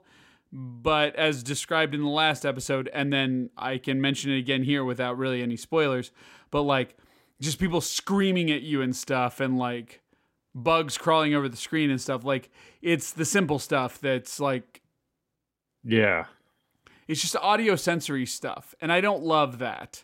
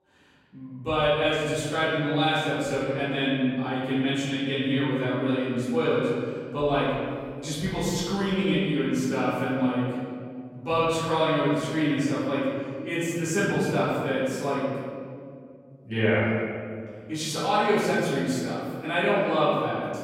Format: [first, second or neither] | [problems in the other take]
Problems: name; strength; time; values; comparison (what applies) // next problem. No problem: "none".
first | off-mic speech; far // room echo; strong; dies away in 2.3 s